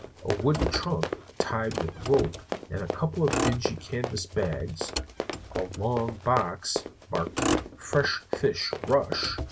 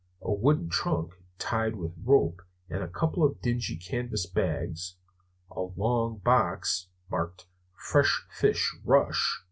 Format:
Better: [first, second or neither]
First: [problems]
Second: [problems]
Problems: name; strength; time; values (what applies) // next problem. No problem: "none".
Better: second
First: background sound (Motor vehicle (road) + Run); 4 dB below the speech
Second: none